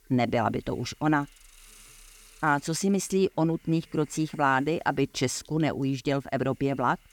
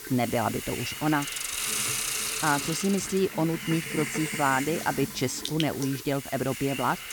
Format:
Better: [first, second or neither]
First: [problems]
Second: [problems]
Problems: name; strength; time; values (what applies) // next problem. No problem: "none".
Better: first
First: hiss; faint; throughout; 30 dB below the speech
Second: hiss; loud; throughout; 3 dB below the speech